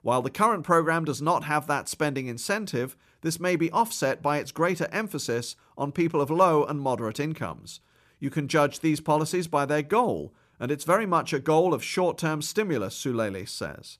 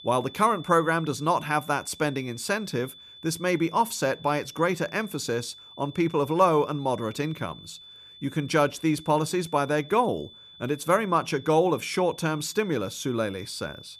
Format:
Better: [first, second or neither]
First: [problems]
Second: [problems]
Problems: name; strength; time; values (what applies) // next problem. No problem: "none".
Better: first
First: none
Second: high-pitched whine; noticeable; throughout; 3.5 kHz, 20 dB below the speech